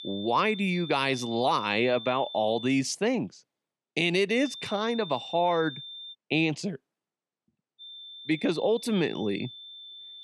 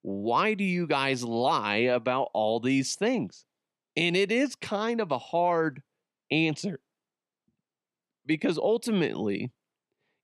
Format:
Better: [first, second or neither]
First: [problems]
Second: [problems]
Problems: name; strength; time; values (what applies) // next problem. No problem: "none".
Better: second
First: high-pitched whine; noticeable; until 2.5 s, from 4.5 to 6 s and from 8 s on; 3.5 kHz, 15 dB below the speech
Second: none